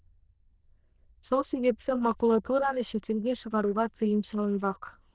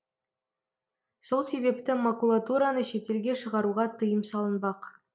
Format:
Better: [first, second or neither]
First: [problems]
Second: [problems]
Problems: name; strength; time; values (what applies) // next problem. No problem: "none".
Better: second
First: noise reduction (neural diffusion model UNIVERSE++)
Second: none